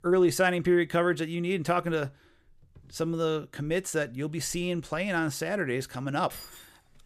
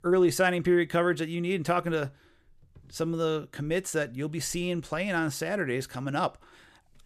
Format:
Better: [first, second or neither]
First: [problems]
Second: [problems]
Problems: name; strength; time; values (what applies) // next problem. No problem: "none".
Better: second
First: jangling keys; faint; at 6.5 s; peak 15 dB below the speech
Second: none